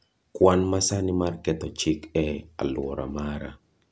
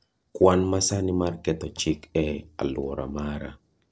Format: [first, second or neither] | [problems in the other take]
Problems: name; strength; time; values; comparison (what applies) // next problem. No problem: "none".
first | noise reduction (neural separator model SepFormer DNS4)